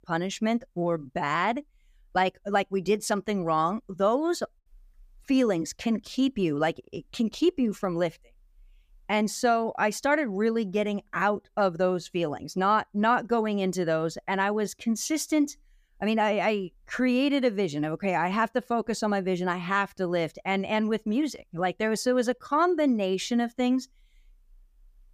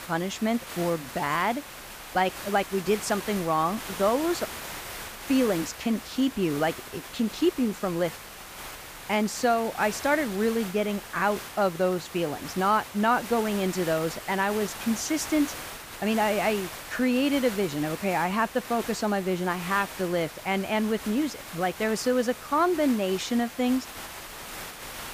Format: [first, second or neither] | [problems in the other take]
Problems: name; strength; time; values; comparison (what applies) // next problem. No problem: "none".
first | hiss; noticeable; throughout; 10 dB below the speech